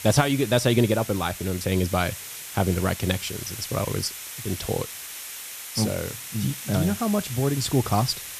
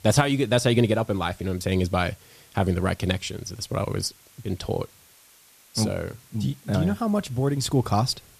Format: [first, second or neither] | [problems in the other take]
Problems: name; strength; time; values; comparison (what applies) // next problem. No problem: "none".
second | hiss; loud; throughout; 9 dB below the speech; faint in the second